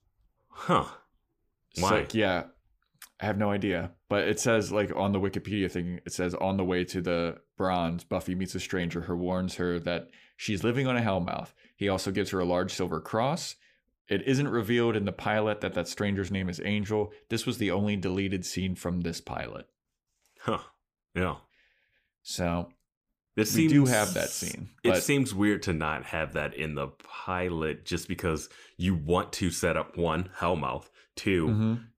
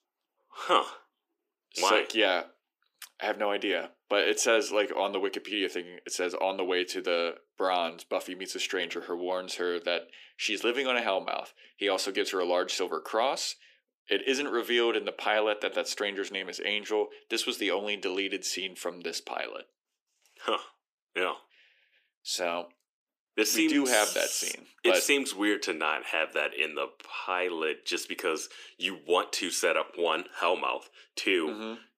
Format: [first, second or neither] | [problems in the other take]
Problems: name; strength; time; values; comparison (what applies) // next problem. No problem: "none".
first | thin; somewhat; fading below 300 Hz